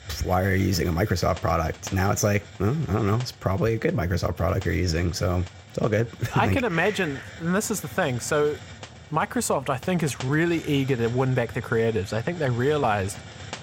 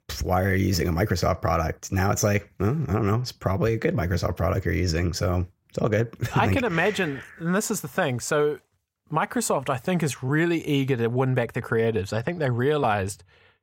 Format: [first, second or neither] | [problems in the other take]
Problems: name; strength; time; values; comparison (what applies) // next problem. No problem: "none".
second | hiss; noticeable; throughout; 15 dB below the speech